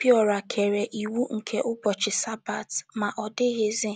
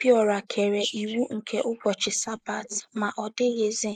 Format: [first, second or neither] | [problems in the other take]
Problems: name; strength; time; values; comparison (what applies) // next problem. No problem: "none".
first | noise reduction (neural mask model Resemble Enhance denoiser)